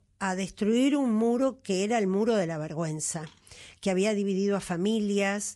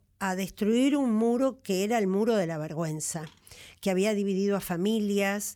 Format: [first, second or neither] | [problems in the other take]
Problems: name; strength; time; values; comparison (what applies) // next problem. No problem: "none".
second | garbled, watery; slightly; nothing above 10.5 kHz